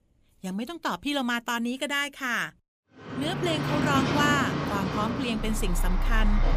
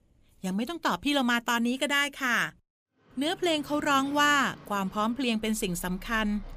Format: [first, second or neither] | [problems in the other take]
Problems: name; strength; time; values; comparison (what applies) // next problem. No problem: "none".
second | traffic noise; loud; from 3 s on; as loud as the speech; faint in the second